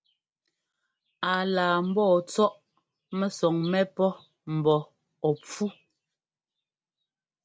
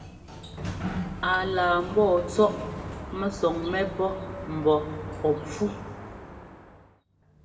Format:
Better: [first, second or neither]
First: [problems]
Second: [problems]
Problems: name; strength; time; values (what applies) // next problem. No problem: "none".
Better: first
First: none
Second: background sound (Sliding door); 9 dB below the speech // room echo; dies away in 1.5 s